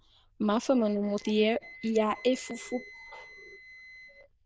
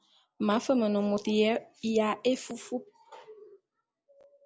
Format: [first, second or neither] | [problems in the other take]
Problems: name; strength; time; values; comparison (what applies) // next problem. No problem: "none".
second | noise reduction (neural diffusion model UNIVERSE++)